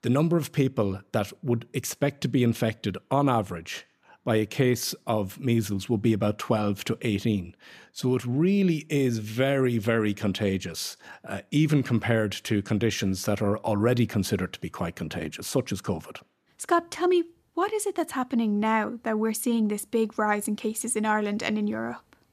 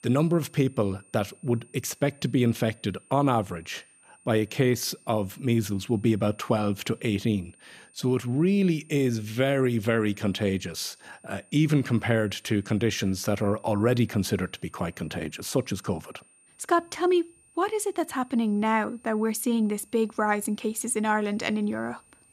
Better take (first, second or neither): first